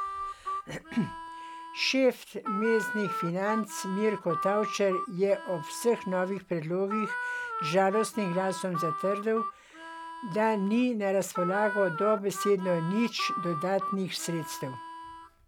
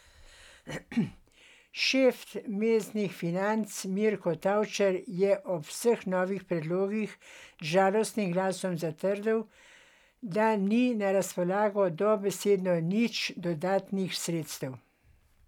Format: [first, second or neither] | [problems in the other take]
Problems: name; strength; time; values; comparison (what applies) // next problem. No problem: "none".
second | background sound (Harmonica); 7 dB below the speech